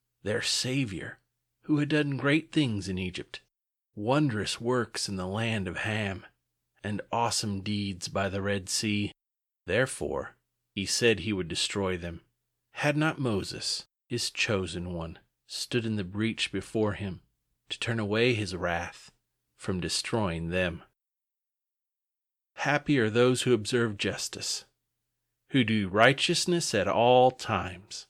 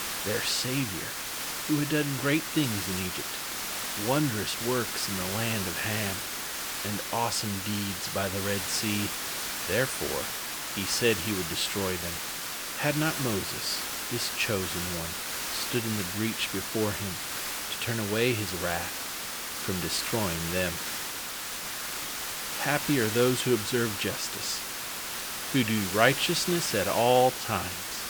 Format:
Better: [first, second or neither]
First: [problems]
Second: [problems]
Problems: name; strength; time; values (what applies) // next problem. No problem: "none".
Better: first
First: none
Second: hiss; loud; throughout; 2 dB below the speech